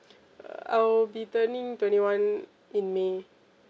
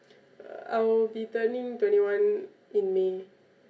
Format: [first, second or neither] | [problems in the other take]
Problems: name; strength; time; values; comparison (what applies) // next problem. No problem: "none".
first | room echo; dies away in 0.3 s